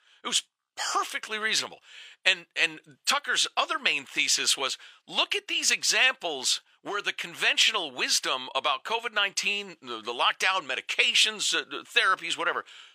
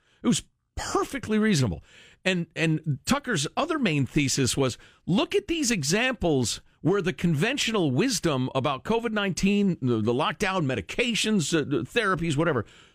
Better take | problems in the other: second | thin; very; fading below 900 Hz

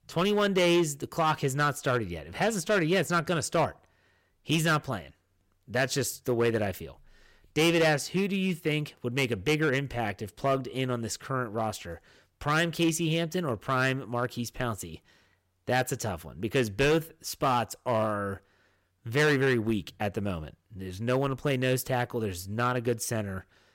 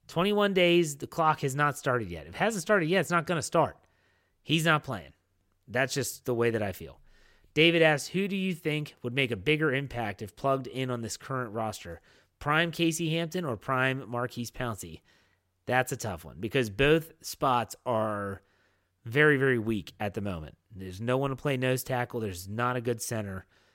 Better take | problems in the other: second | distortion; slight; 5% of the sound clipped

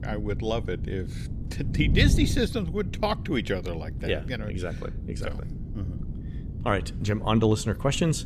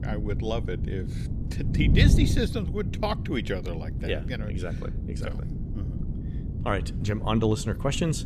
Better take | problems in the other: first | wind noise on the microphone; heavy; 9 dB below the speech; occasional gusts in the first

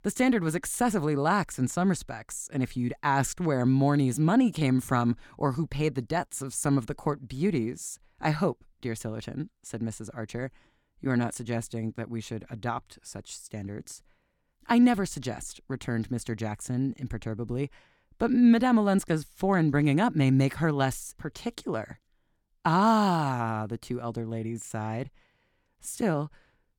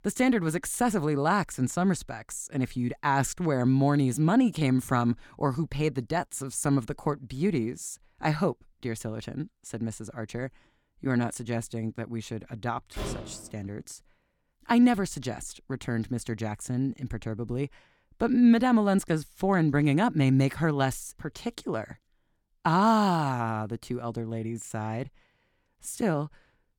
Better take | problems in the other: first | door banging; noticeable; at 13 s; peak 9 dB below the speech

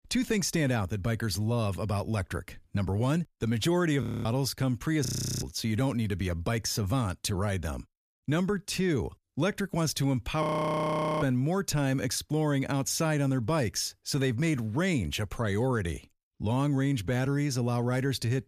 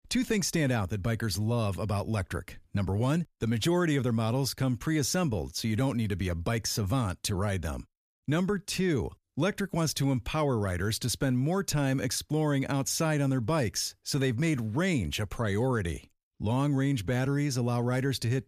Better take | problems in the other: second | audio freezing; at 4 s, at 5 s and at 10 s for 1 s

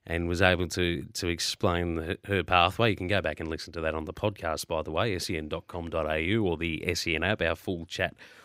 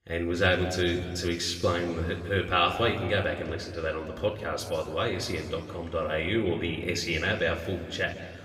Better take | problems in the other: first | room echo; noticeable; dies away in 1.7 s // off-mic speech; somewhat distant

